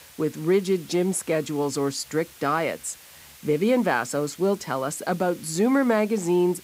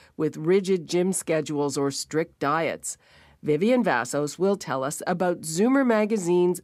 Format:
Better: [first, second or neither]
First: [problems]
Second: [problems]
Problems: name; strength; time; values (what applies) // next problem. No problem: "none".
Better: second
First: hiss; faint; throughout; 20 dB below the speech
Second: none